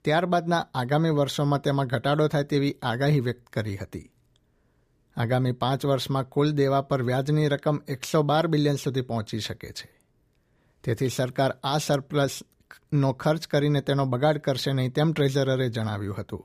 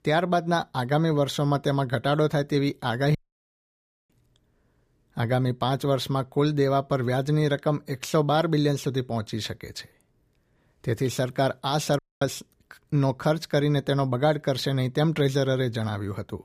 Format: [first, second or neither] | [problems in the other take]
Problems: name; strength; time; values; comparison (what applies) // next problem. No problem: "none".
first | audio cutting out; at 3 s for 1 s and at 12 s